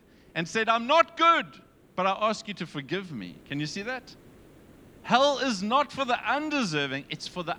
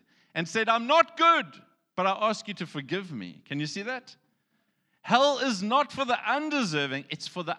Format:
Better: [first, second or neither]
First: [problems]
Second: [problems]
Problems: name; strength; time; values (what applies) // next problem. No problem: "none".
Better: second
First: hiss; faint; throughout; 30 dB below the speech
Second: none